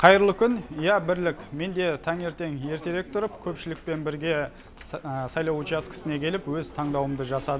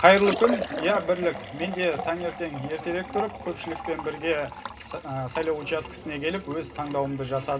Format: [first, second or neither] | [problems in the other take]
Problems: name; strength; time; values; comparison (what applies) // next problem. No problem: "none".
first | background sound (Liquid); 9 dB below the speech // room echo; dies away in 0.2 s